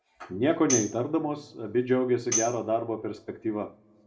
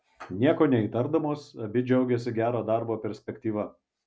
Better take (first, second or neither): second